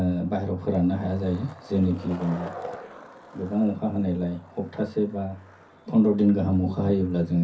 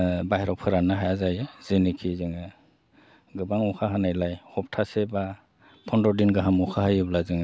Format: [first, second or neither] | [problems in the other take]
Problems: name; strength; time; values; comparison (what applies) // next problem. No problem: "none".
second | background sound (Skateboard); 19 dB below the speech // room echo; dies away in 0.3 s